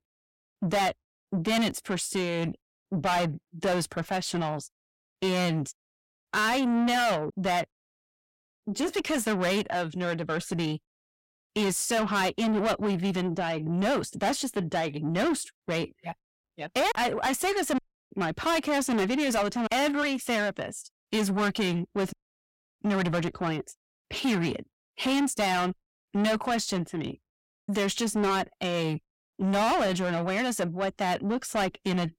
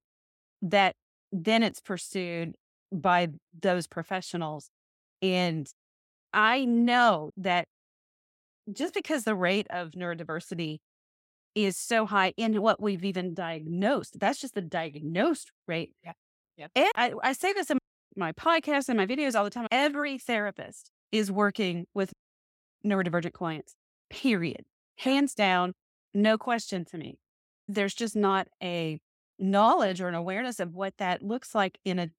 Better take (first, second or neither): second